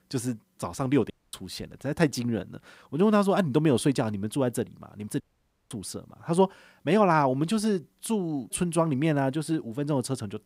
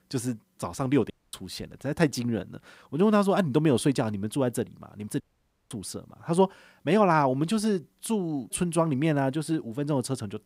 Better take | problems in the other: neither | audio cutting out; at 1 s and at 5 s for 0.5 s; the same in both

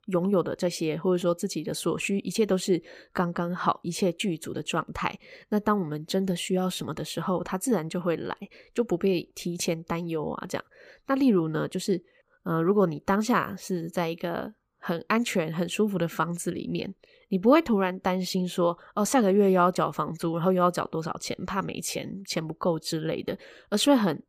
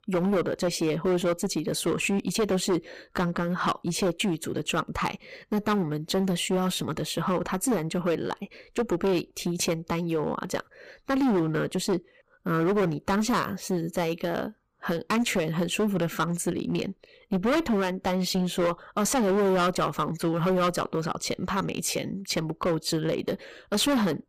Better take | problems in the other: first | distortion; heavy; 12% of the sound clipped

